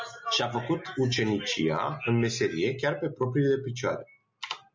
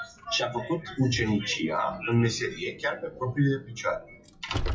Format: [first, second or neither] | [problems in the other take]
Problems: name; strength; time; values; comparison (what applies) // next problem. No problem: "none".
first | noise reduction (classical method WPE with log-MMSE)